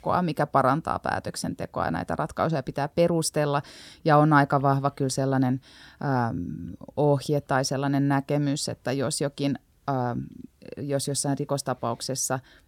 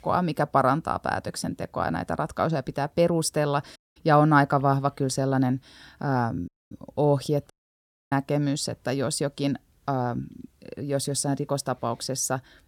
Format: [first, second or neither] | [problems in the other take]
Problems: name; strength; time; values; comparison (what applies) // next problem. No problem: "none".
first | audio cutting out; at 4 s, at 6.5 s and at 7.5 s for 0.5 s